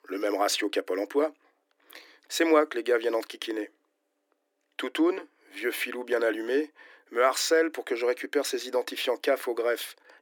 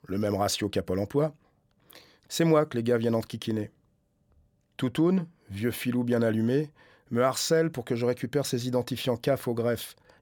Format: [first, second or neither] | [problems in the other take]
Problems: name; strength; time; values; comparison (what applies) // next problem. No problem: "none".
second | thin; somewhat; fading below 300 Hz